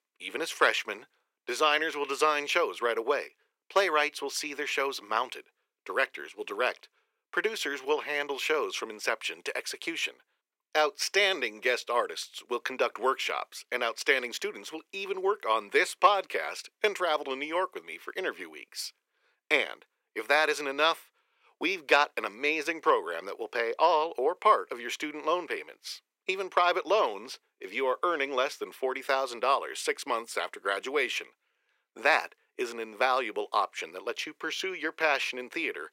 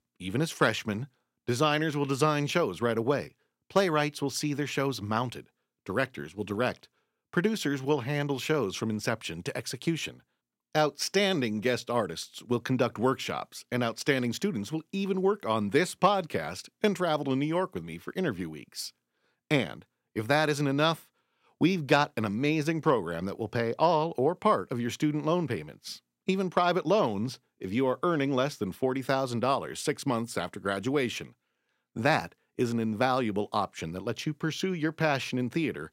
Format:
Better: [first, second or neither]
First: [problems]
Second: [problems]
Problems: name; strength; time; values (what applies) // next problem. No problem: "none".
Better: second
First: thin; very; fading below 400 Hz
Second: none